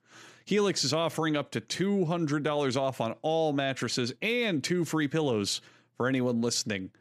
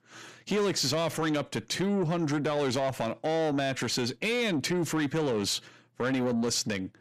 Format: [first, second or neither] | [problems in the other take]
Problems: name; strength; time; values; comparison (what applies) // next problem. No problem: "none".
first | distortion; slight; 10 dB below the speech